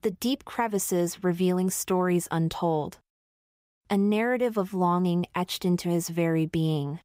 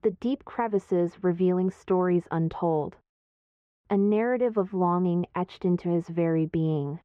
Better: first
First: none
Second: muffled; very; fading above 1.5 kHz

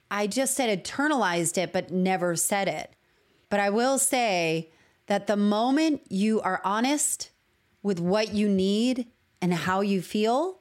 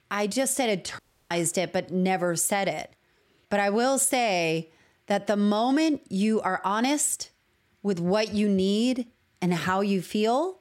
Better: first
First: none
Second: audio cutting out; at 1 s

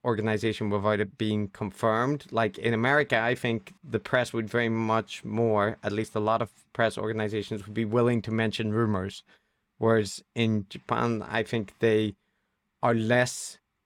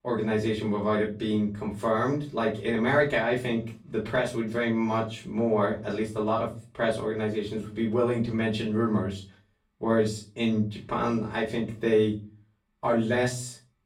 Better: first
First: none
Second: off-mic speech; far // room echo; slight; dies away in 0.3 s

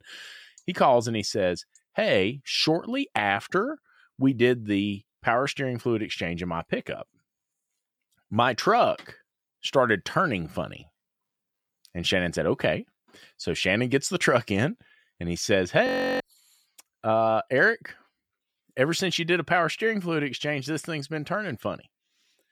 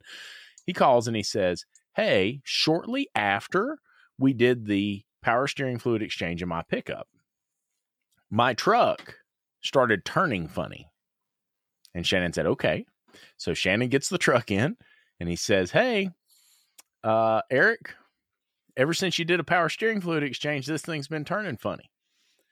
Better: second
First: audio freezing; at 16 s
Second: none

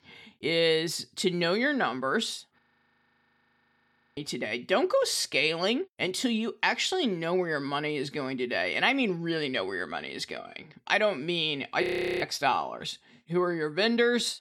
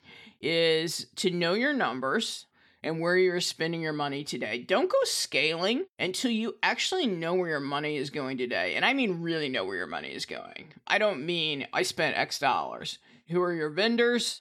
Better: second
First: audio freezing; at 2.5 s for 1.5 s and at 12 s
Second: none

